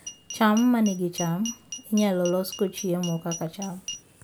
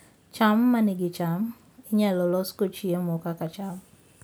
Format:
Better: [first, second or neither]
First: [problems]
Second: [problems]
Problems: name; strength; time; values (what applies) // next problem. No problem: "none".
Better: second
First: background sound (Glass); 14 dB below the speech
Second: none